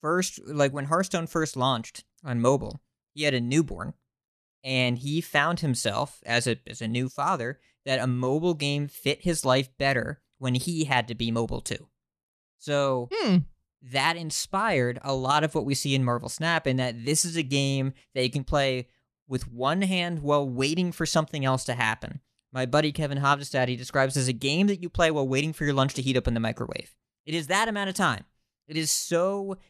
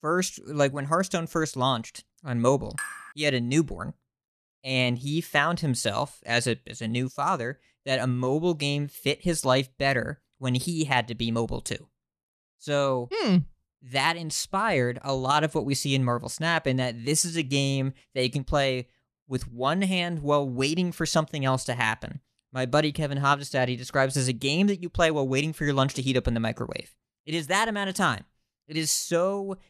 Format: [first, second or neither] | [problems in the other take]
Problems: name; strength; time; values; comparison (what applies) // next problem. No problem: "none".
first | clattering dishes; noticeable; at 3 s; peak 8 dB below the speech